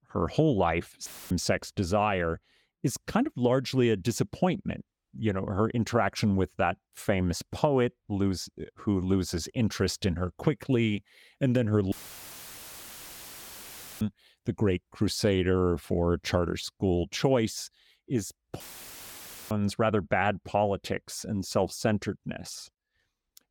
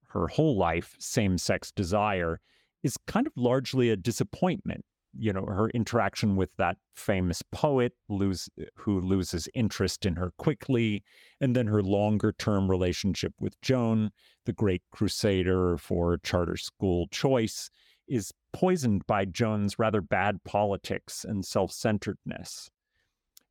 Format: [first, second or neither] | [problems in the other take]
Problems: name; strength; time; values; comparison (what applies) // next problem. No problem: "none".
second | audio cutting out; filled with static; at 1 s, at 12 s for 2 s and at 19 s for 1 s